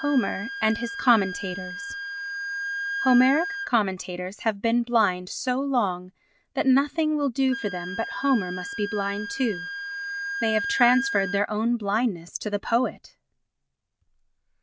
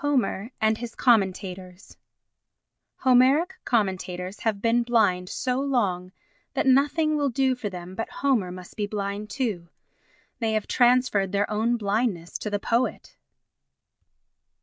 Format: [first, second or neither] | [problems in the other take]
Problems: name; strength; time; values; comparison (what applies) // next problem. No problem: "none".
second | background sound (Wind instrument, woodwind instrument); 9 dB below the speech